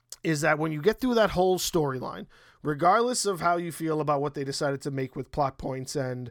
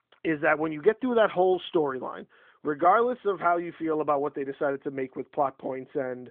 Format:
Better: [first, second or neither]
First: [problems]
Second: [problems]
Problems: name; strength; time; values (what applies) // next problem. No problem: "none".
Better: first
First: none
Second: phone-call audio; nothing above 3.5 kHz